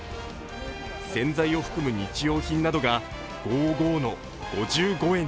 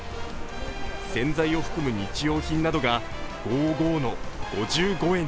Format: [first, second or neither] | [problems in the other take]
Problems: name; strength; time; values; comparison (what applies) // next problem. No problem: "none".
first | background sound (Water); 7 dB below the speech